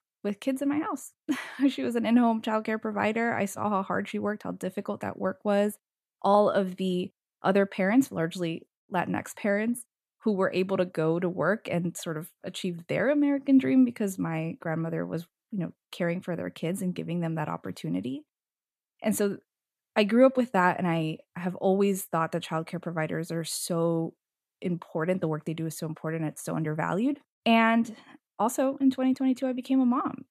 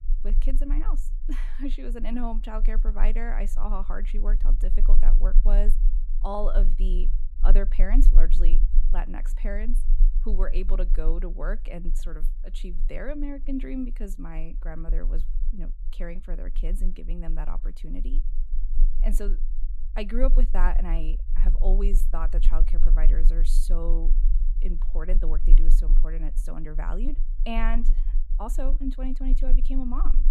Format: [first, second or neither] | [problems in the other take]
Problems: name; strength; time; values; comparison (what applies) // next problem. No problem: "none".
first | low rumble; noticeable; throughout; 15 dB below the speech